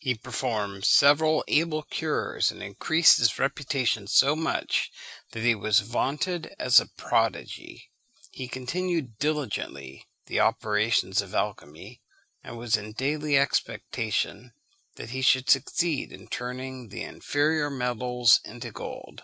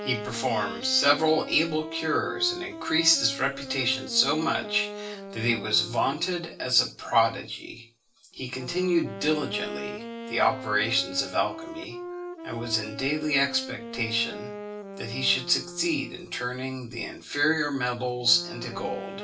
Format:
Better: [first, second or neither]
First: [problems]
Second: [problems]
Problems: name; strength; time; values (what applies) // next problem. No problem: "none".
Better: first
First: none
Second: background sound (Wind instrument, woodwind instrument); 11 dB below the speech // room echo; dies away in 0.3 s